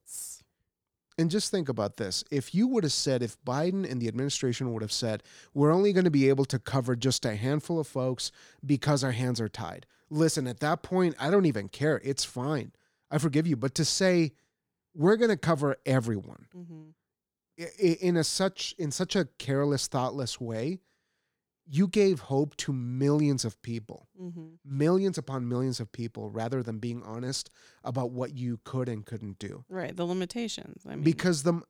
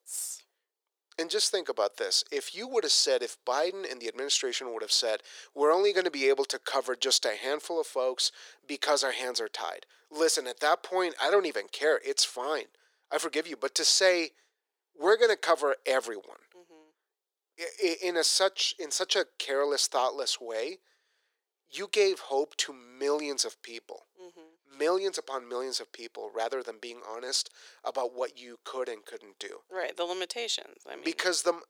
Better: first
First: none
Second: thin; very; fading below 400 Hz

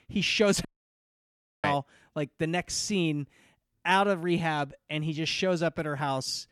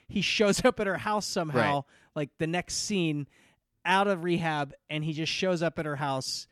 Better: second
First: audio cutting out; at 0.5 s for 1 s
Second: none

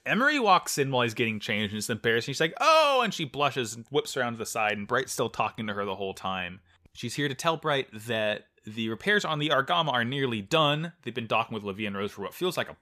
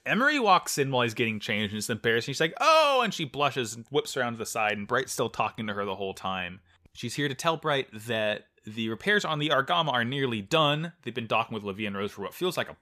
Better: neither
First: none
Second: none

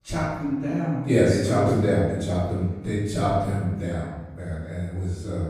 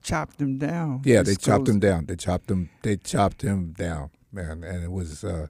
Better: second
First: room echo; strong; dies away in 1 s // off-mic speech; far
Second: none

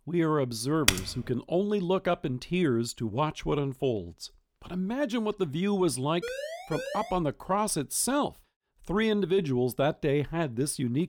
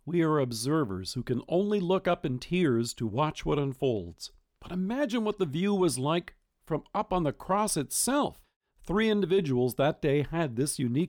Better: second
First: keyboard typing; loud; at 1 s; peak 3 dB above the speech // siren; noticeable; at 6 s; peak 7 dB below the speech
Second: none

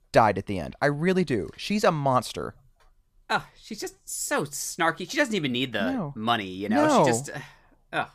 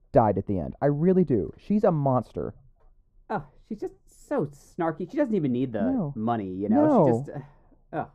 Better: first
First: none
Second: muffled; very; fading above 1.5 kHz

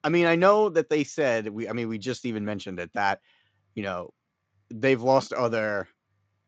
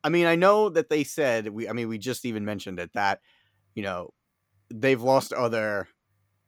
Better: second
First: garbled, watery; slightly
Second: none

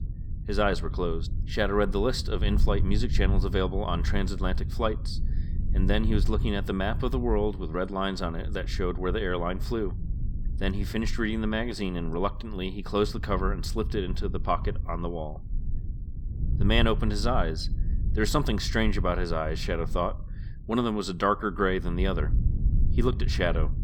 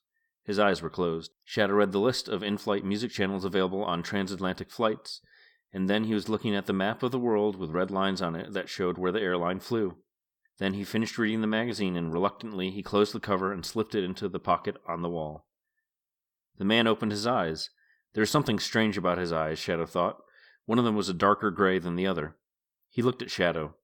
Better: second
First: low rumble; noticeable; throughout; 15 dB below the speech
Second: none

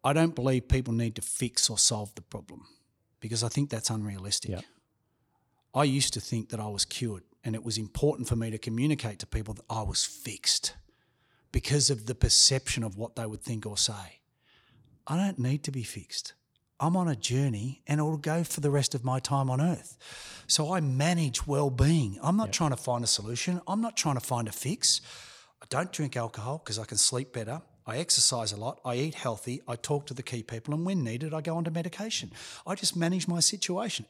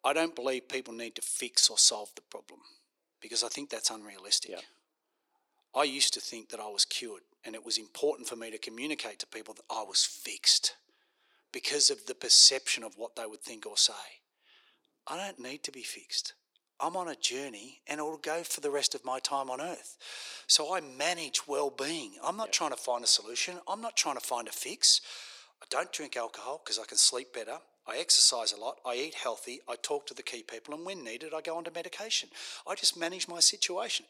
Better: first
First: none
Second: thin; very; fading below 350 Hz

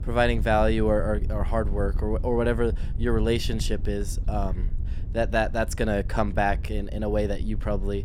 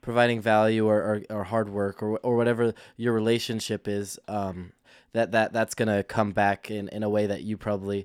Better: second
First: wind noise on the microphone; occasional gusts; 20 dB below the speech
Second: none

